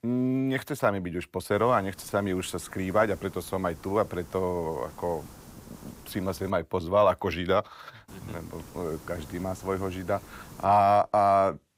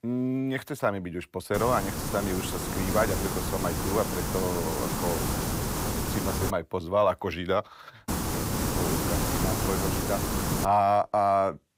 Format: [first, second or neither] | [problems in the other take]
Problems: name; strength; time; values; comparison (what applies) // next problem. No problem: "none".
first | hiss; loud; from 1.5 to 6.5 s and from 8 to 11 s; 1 dB below the speech; faint in the first